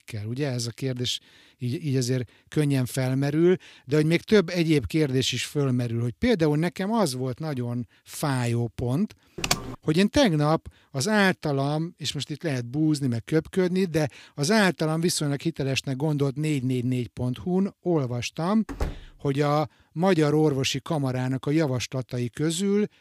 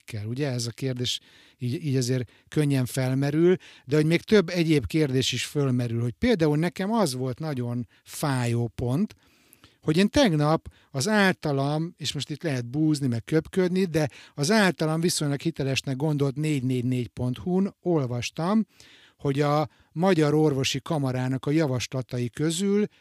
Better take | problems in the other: second | keyboard typing; noticeable; at 9.5 s; peak 1 dB below the speech // door banging; noticeable; at 19 s; peak 8 dB below the speech

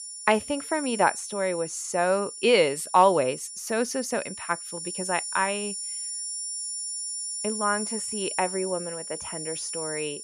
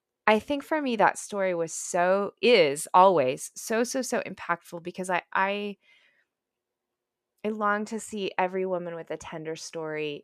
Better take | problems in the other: second | high-pitched whine; loud; throughout; 9.5 kHz, 6 dB below the speech

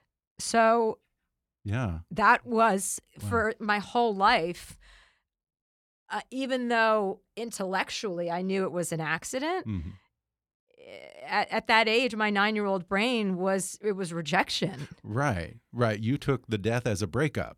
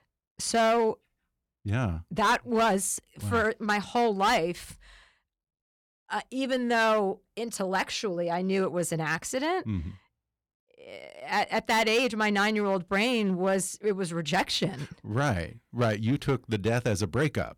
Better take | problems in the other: first | distortion; slight; 5% of the sound clipped

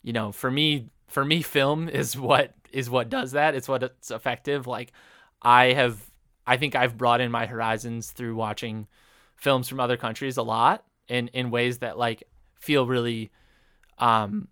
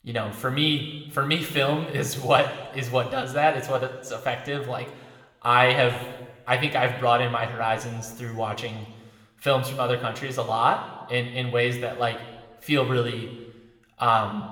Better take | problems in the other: first | room echo; slight; dies away in 1.1 s

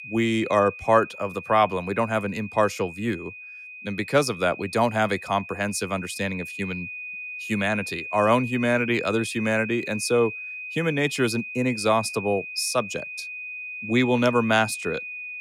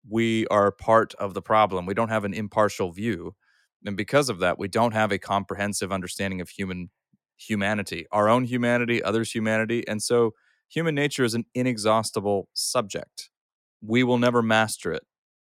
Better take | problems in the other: second | high-pitched whine; loud; throughout; 2.5 kHz, 10 dB below the speech

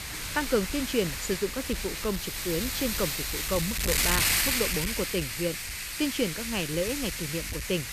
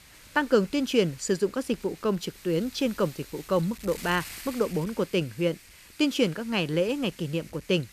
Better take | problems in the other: second | wind noise on the microphone; heavy; 2 dB above the speech; occasional gusts in the second

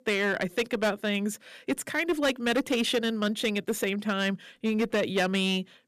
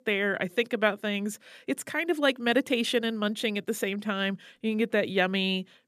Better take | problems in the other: second | distortion; slight; 7% of the sound clipped

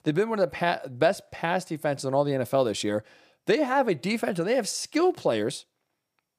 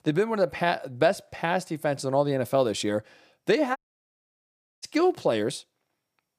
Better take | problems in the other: first | audio cutting out; at 4 s for 1 s

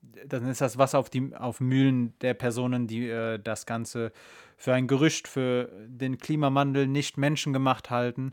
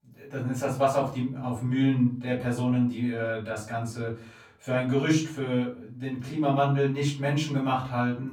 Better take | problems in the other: first | off-mic speech; far // room echo; slight; dies away in 0.4 s

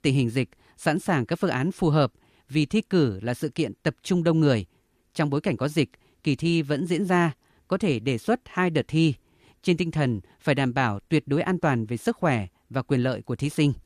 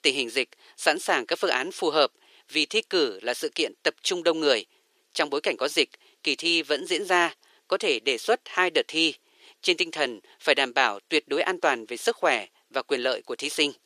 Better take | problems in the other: first | thin; very; fading below 400 Hz

